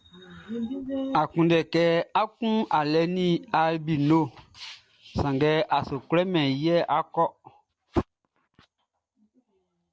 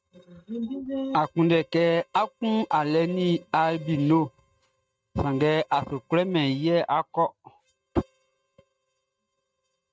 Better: first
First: none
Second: noise reduction (neural mask model RNNoise)

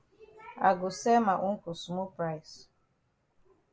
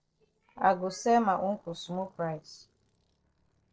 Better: first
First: none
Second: noise reduction (neural separator model SepFormer DNS4)

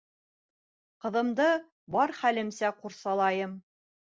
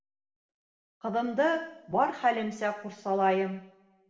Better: first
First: none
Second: room echo; dies away in 0.9 s

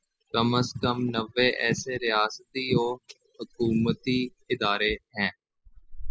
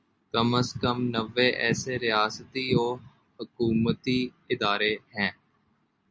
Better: second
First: noise reduction (classical method spectral subtraction)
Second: none

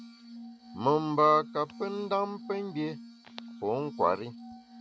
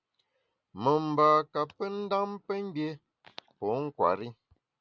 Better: second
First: background sound (Glass); 16 dB below the speech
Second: none

